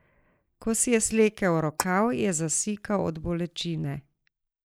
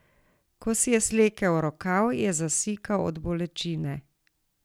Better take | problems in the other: second | noise reduction (neural mask model Resemble Enhance denoiser)

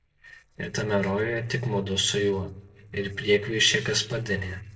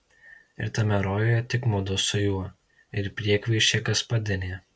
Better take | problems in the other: second | noise reduction (neural separator model SepFormer DNS4)

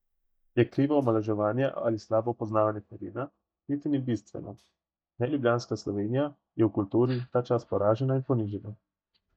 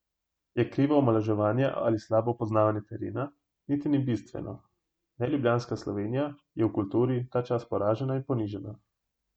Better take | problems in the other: second | noise reduction (neural mask model DeepFilterNet 3)

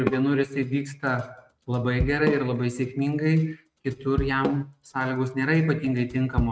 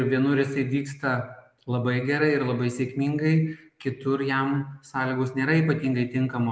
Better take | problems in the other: second | noise reduction (neural mask model RNNoise)

